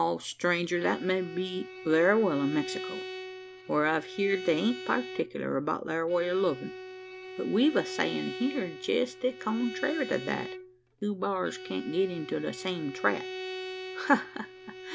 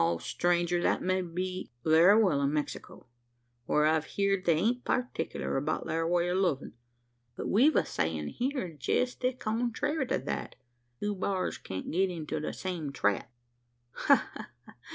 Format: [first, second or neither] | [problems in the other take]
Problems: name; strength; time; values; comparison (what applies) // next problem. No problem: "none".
second | background sound (Bowed string instrument); 11 dB below the speech